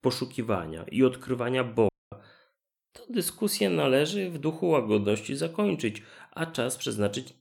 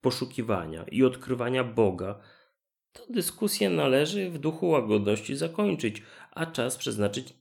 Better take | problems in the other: second | audio cutting out; at 2 s

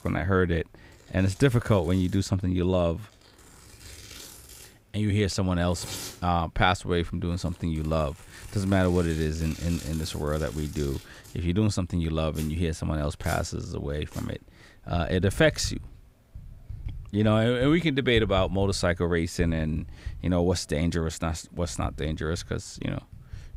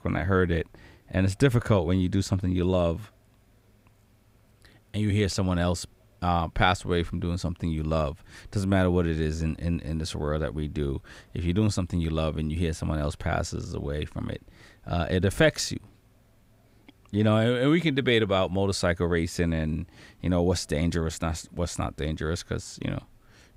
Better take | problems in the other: second | household noises; noticeable; throughout; 15 dB below the speech

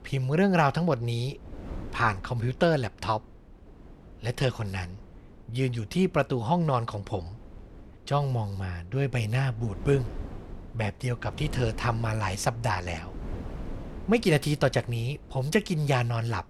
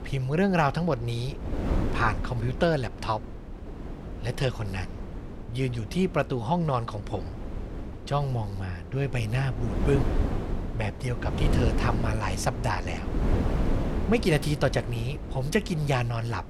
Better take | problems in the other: first | wind noise on the microphone; heavy; 9 dB below the speech; occasional gusts in the first

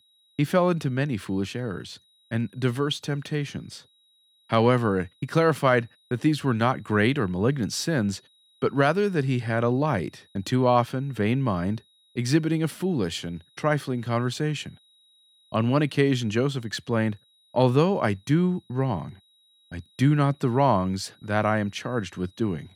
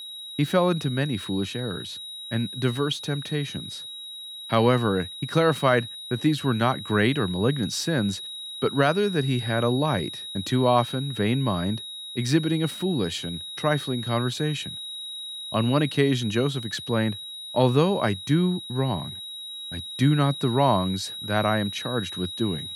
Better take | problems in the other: first | high-pitched whine; loud; throughout; 4 kHz, 9 dB below the speech; faint in the first

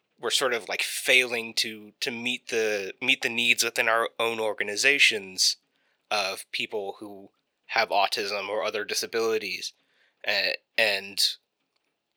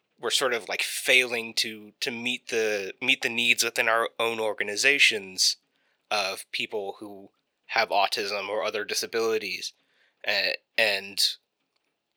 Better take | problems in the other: neither | thin; very; fading below 500 Hz; the same in both

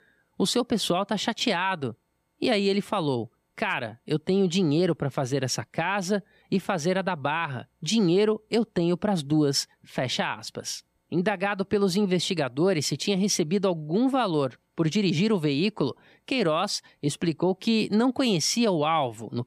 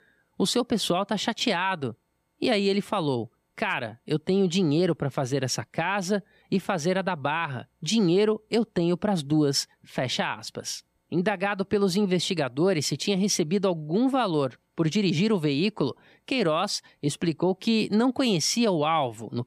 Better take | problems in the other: neither | none

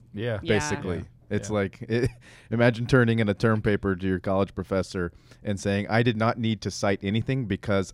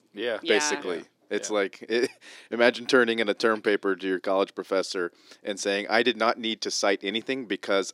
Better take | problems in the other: first | thin; somewhat; fading below 300 Hz

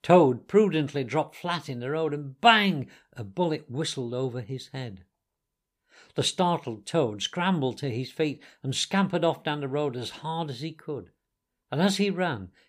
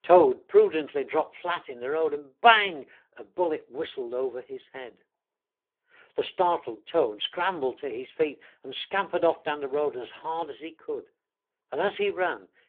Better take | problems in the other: first | phone-call audio; poor line; nothing above 3.5 kHz

